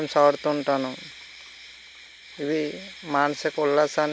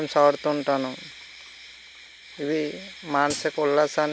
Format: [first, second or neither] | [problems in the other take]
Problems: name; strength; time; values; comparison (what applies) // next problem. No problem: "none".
first | background sound (Hi-hat); 11 dB below the speech